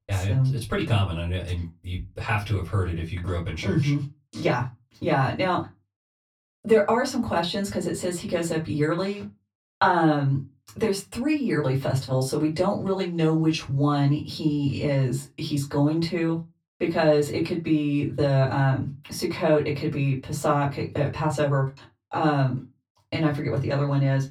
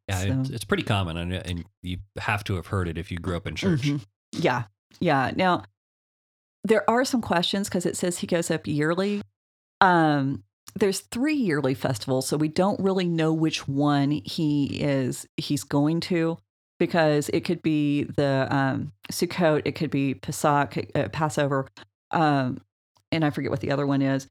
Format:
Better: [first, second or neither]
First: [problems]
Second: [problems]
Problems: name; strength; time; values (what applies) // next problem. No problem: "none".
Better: second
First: off-mic speech; far // room echo; very slight; dies away in 0.2 s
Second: none